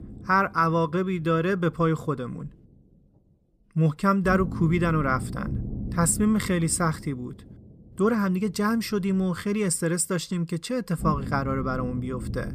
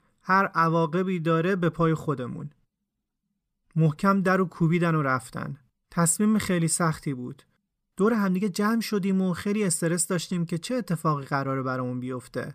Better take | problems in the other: second | low rumble; noticeable; throughout; 15 dB below the speech

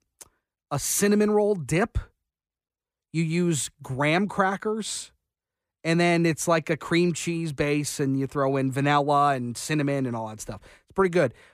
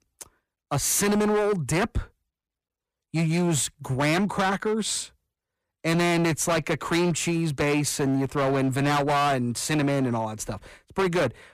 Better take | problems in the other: first | distortion; heavy; 18% of the sound clipped

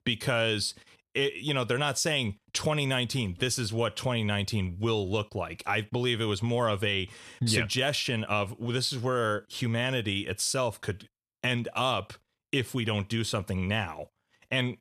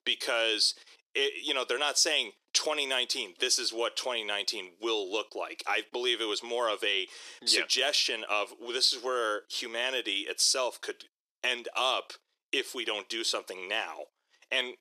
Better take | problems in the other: first | thin; very; fading below 350 Hz

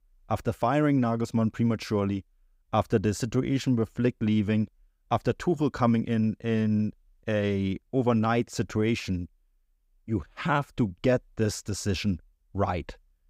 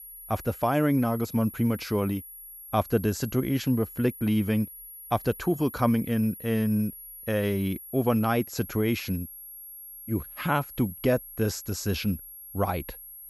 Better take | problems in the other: first | high-pitched whine; noticeable; throughout; 11.5 kHz, 15 dB below the speech

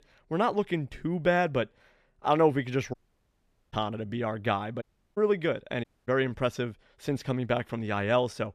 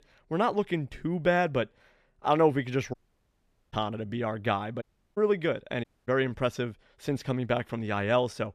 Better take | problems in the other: neither | audio cutting out; at 3 s for 1 s, at 5 s and at 6 s; the same in both

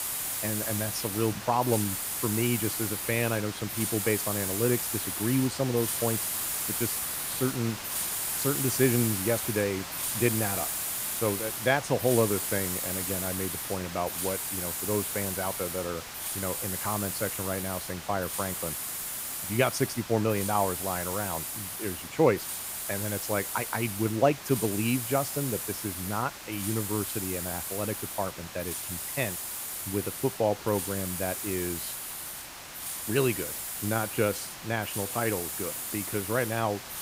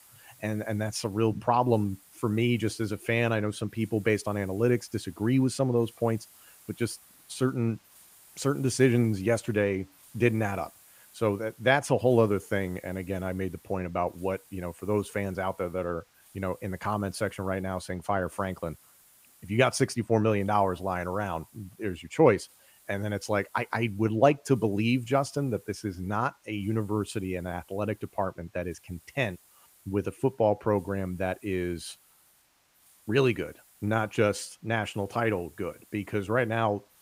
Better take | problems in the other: second | hiss; loud; throughout; 1 dB below the speech; faint in the second

